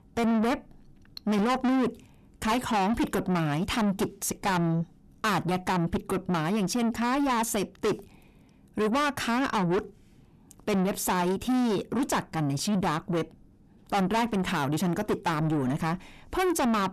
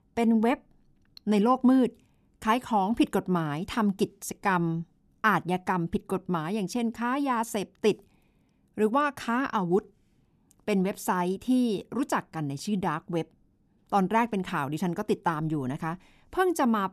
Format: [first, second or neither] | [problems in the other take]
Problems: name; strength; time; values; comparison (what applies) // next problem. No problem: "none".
second | distortion; heavy; 6 dB below the speech